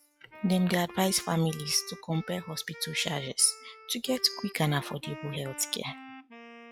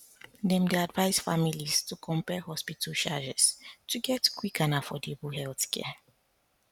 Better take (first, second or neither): second